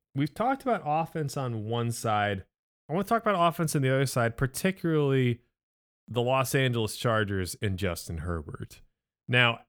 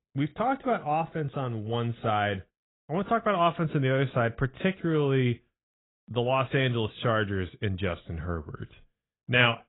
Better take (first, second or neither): first